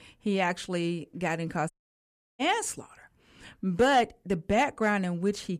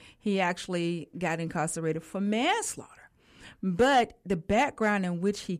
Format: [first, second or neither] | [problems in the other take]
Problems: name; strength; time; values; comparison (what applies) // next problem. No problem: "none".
second | audio cutting out; at 1.5 s for 0.5 s